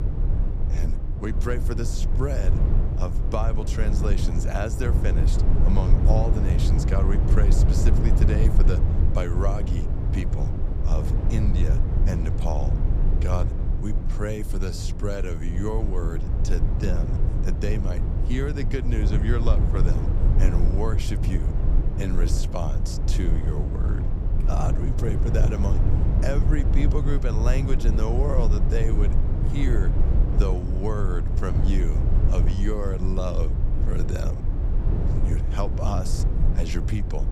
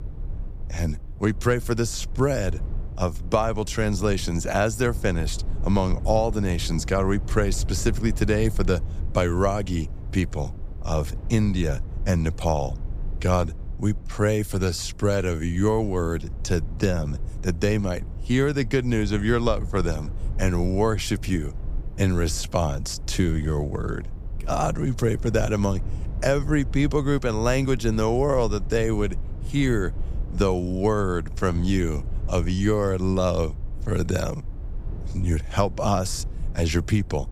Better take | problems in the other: second | low rumble; loud; throughout; 3 dB below the speech; faint in the second

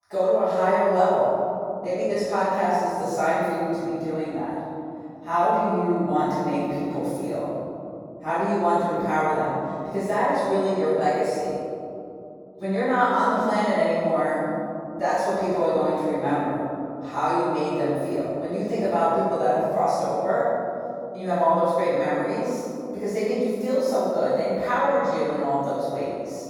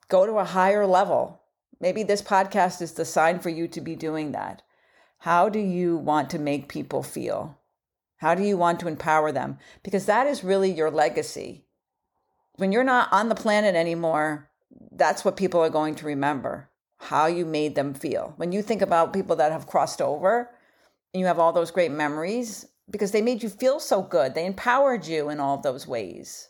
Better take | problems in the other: second | off-mic speech; far // room echo; strong; dies away in 2.9 s

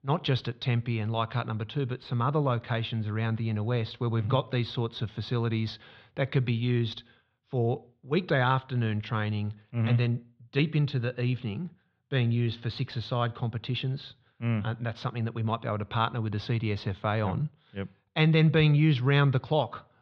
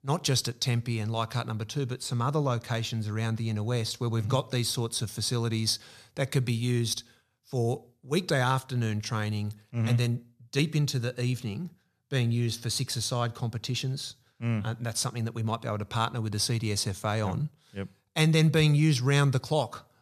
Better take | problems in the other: second | muffled; very; fading above 3.5 kHz

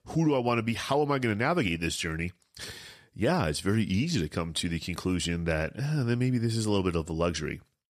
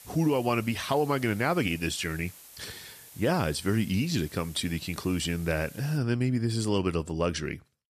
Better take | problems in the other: first | hiss; noticeable; until 6 s; 20 dB below the speech

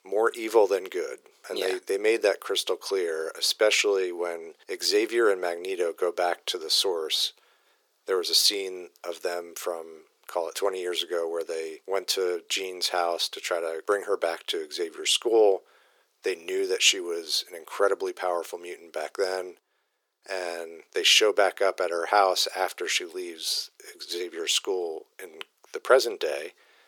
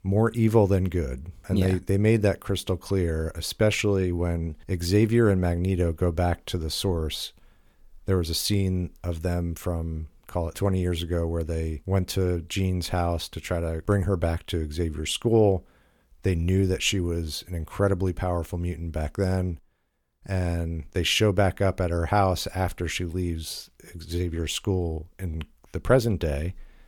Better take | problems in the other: second | thin; very; fading below 400 Hz

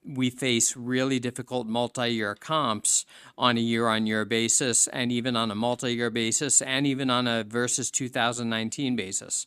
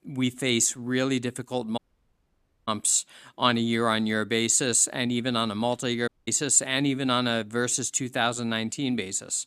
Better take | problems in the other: first | audio cutting out; at 2 s for 1 s and at 6 s

